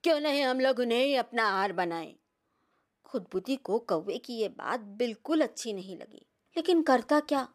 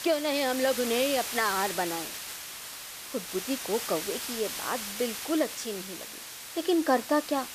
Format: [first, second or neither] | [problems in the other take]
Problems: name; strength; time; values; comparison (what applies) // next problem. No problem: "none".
first | hiss; loud; throughout; 6 dB below the speech